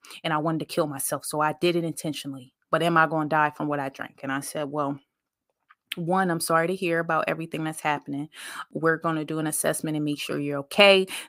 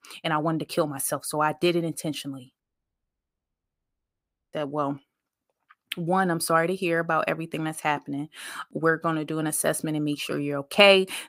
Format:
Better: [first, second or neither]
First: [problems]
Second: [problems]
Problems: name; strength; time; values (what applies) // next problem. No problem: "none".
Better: first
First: none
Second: audio cutting out; at 2.5 s for 2 s